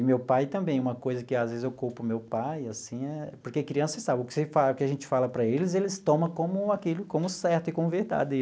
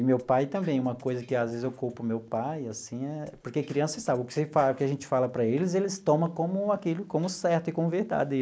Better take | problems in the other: first | noise reduction (neural mask model Resemble Enhance denoiser)

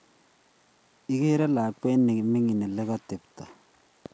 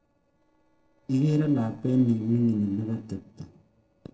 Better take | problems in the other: first | noise reduction (neural separator model SepFormer DNS4)

